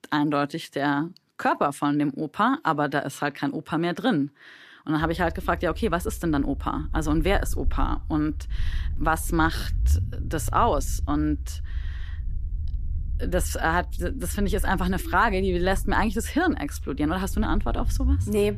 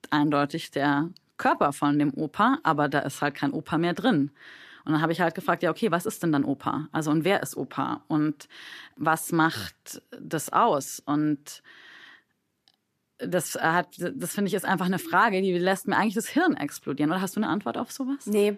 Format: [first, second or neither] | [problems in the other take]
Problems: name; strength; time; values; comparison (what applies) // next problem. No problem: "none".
second | low rumble; faint; from 5 s on; 25 dB below the speech